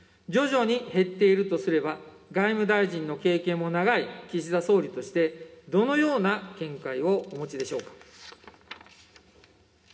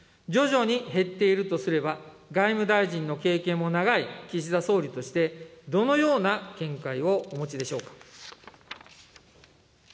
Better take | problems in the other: second | room echo; dies away in 0.3 s

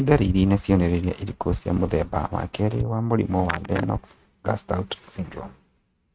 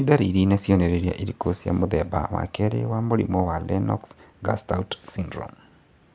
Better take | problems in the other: second | noise reduction (neural mask model RNNoise)

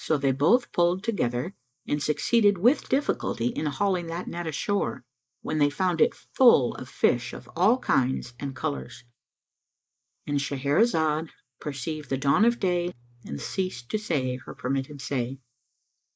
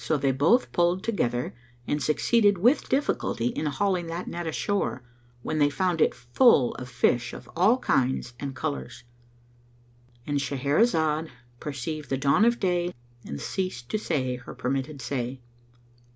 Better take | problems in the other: second | noise reduction (neural mask model Resemble Enhance denoiser)

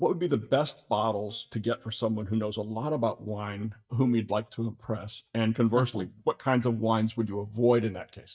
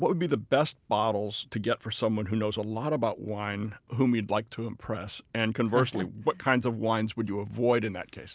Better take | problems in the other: second | noise reduction (neural mask model DeepFilterNet 3)

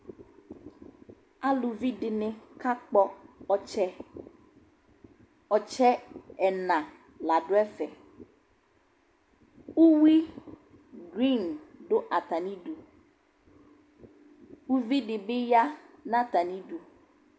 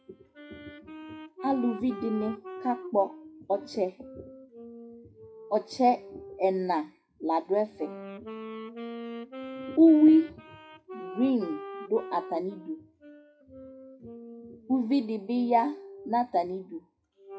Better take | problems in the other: first | noise reduction (classical method WPE with log-MMSE)

